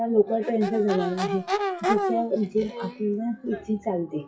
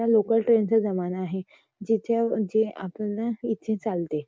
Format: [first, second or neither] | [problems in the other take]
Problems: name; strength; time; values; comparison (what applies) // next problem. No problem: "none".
second | noise reduction (classical method WPE with log-MMSE)